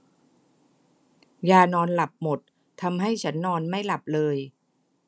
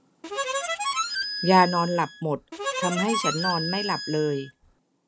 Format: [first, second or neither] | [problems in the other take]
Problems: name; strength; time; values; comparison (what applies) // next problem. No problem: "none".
first | background sound (Harmonica); 4 dB below the speech